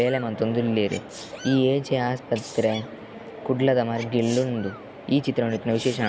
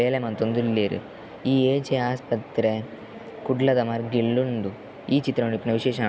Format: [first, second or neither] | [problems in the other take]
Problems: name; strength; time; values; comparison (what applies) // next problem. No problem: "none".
second | background sound (Sneeze); 18 dB below the speech